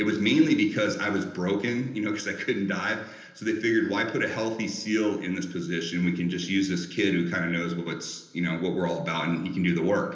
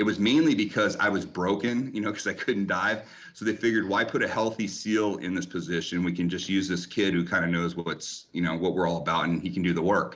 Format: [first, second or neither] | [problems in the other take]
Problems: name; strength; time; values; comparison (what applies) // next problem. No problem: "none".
second | room echo; dies away in 0.8 s